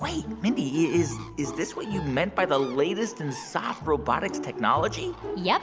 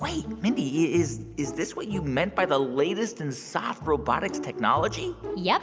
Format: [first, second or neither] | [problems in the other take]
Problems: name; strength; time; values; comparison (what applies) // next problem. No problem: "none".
second | background sound (Bird); 20 dB below the speech